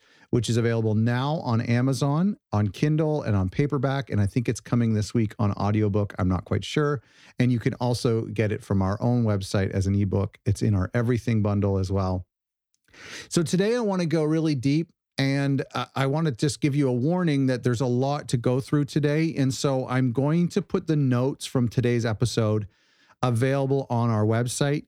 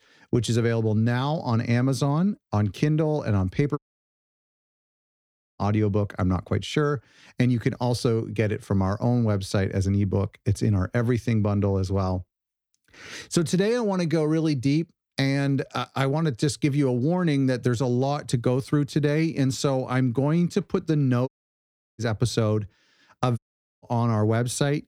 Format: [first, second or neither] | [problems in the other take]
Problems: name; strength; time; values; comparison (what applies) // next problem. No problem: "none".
first | audio cutting out; at 4 s for 2 s, at 21 s for 0.5 s and at 23 s